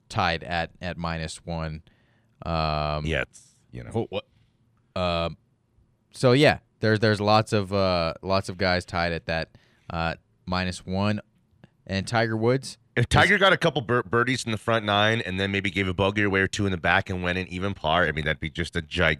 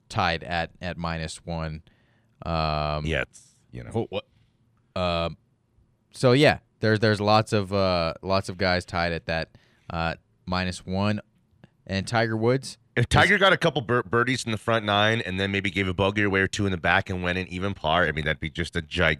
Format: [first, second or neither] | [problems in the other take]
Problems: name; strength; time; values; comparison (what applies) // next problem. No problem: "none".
neither | none